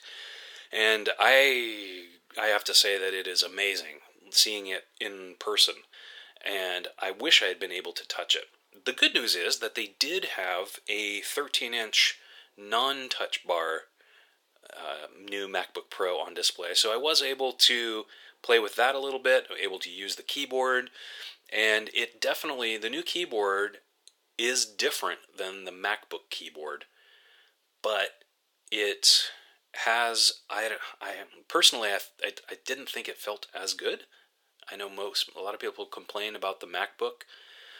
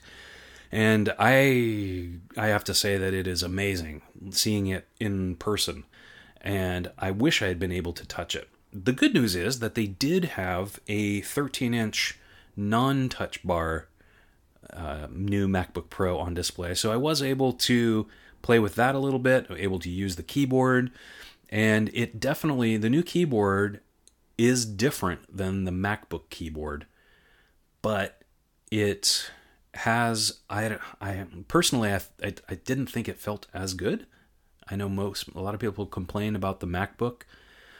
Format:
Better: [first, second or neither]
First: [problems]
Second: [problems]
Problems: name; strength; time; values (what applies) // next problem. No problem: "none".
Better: second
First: thin; very; fading below 450 Hz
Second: none